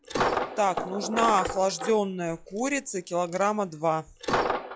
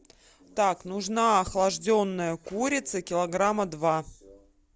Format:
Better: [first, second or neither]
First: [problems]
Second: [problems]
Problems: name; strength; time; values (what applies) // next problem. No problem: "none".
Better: second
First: noise reduction (classical method log-MMSE)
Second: none